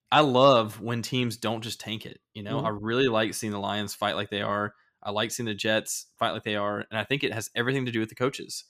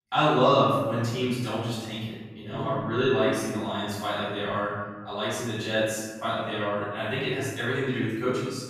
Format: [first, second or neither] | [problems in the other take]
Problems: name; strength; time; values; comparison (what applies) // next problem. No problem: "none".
first | off-mic speech; far // room echo; strong; dies away in 1.3 s